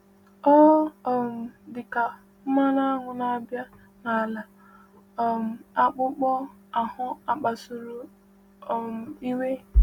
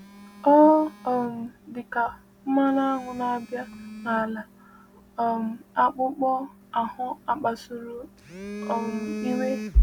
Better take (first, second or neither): first